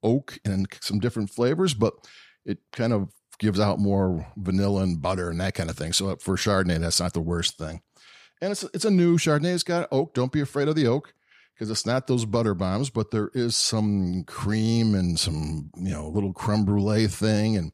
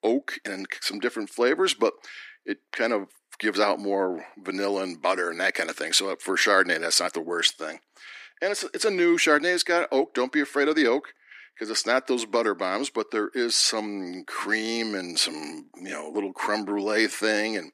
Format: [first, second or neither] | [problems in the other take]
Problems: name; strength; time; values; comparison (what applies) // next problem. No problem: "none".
first | thin; somewhat; fading below 300 Hz